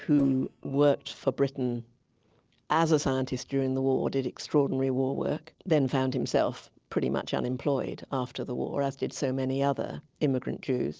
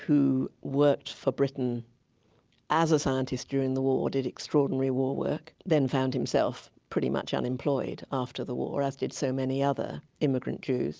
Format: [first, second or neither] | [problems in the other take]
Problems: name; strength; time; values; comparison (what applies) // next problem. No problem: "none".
second | noise reduction (neural separator model SepFormer DNS4)